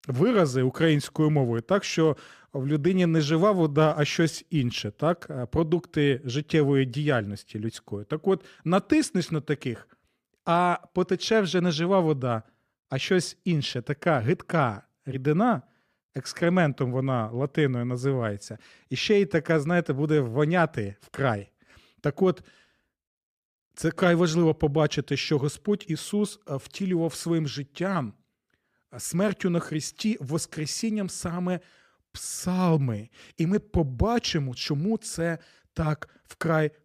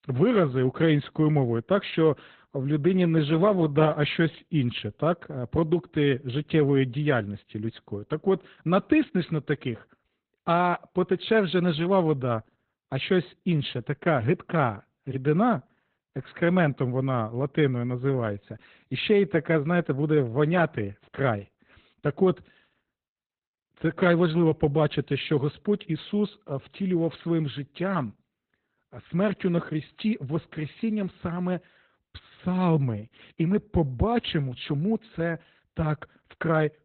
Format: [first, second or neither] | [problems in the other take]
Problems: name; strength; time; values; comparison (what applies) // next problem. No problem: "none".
first | garbled, watery; badly; nothing above 4 kHz